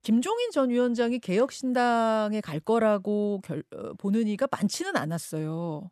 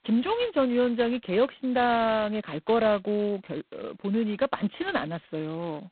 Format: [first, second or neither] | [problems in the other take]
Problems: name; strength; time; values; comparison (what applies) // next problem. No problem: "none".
first | phone-call audio; poor line; nothing above 4 kHz